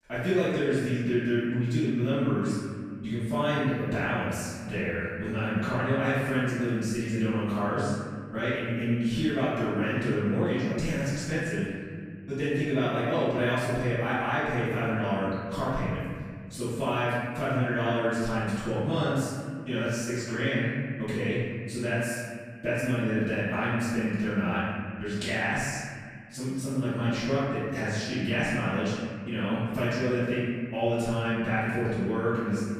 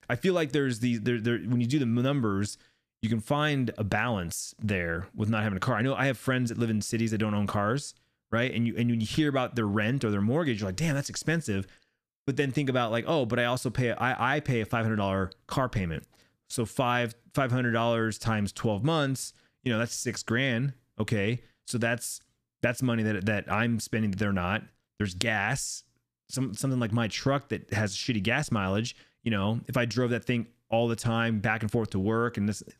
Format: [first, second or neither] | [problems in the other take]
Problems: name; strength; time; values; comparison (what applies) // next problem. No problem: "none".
second | room echo; strong; dies away in 1.9 s // off-mic speech; far